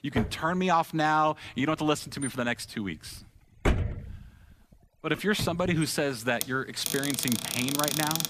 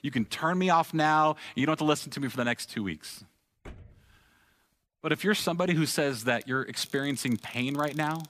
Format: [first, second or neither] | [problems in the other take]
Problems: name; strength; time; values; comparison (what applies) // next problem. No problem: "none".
second | household noises; loud; throughout; 4 dB below the speech; faint in the second